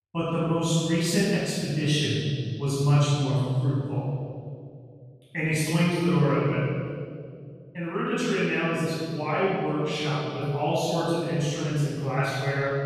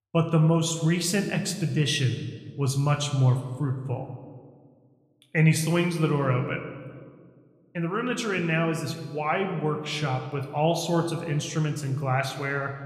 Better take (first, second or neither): second